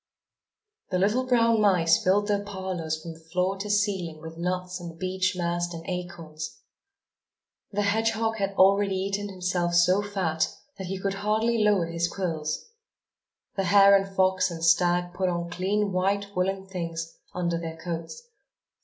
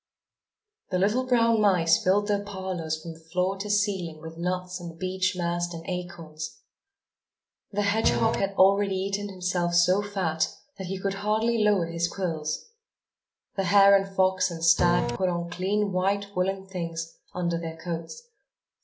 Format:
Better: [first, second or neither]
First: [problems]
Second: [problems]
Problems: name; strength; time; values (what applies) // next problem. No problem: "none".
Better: first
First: none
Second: background sound (Printer); as loud as the speech